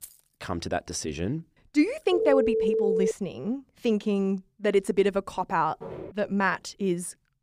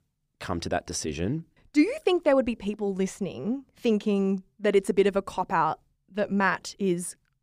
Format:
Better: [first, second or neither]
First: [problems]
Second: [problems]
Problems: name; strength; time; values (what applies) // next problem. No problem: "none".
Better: second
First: jangling keys; faint; at the start; peak 20 dB below the speech // phone ringing; loud; at 2 s; peak 3 dB above the speech // footsteps; faint; at 6 s; peak 10 dB below the speech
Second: none